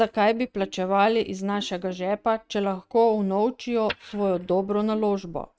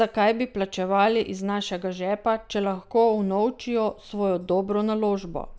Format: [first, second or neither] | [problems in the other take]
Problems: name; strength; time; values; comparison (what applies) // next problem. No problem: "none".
second | noise reduction (neural mask model RNNoise)